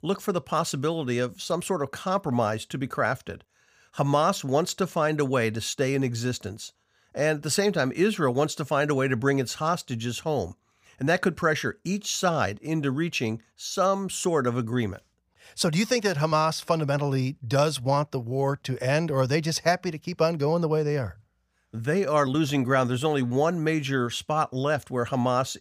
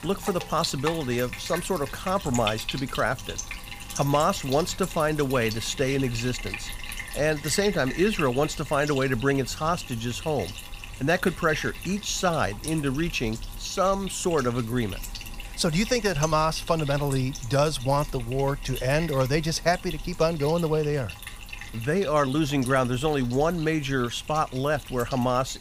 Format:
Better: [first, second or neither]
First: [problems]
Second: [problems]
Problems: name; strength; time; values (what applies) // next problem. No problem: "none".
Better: first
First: none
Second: household noises; noticeable; throughout; 10 dB below the speech